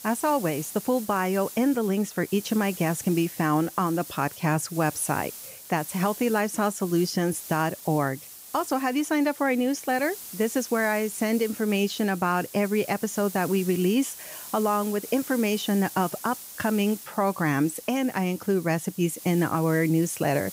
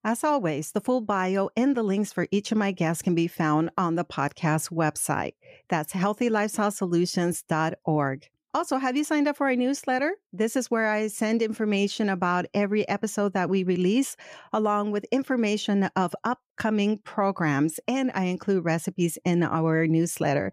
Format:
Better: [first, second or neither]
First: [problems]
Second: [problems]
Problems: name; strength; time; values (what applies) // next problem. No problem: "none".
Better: second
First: hiss; noticeable; throughout; 15 dB below the speech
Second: none